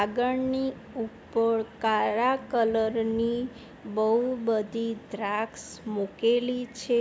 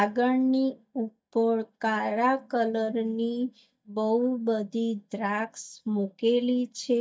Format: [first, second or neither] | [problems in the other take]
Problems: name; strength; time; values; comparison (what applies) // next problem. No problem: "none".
first | noise reduction (neural mask model DeepFilterNet 3)